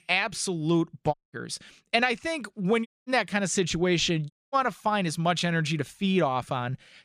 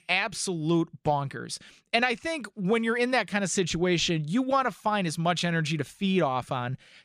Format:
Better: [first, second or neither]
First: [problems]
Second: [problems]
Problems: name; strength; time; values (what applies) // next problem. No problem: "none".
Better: second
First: audio cutting out; at 1 s, at 3 s and at 4.5 s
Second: none